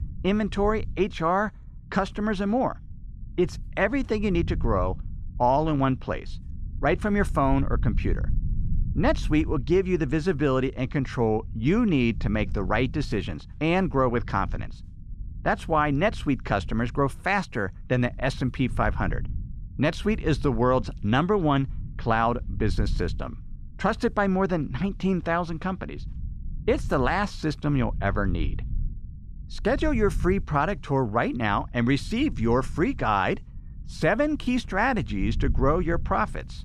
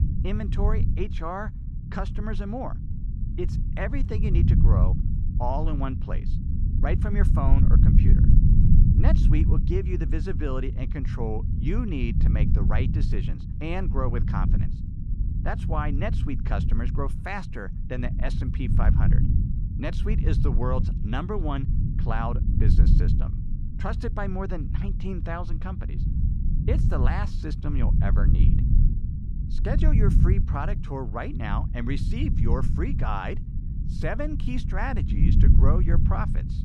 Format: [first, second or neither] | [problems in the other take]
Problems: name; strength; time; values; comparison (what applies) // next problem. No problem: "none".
first | low rumble; loud; throughout; 5 dB below the speech; faint in the first